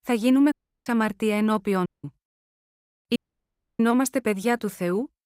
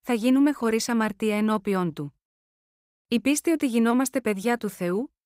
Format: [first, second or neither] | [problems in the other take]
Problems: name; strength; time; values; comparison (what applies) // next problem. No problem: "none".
second | audio cutting out; at 0.5 s, at 2 s and at 3 s for 0.5 s